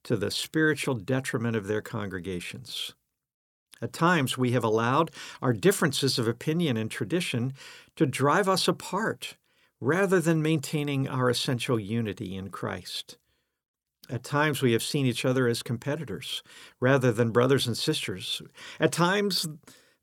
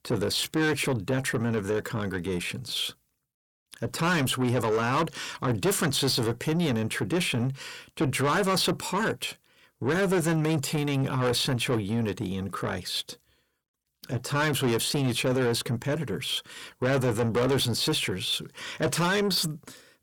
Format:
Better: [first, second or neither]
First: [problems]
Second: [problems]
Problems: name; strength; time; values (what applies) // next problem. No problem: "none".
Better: first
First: none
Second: distortion; heavy; 7 dB below the speech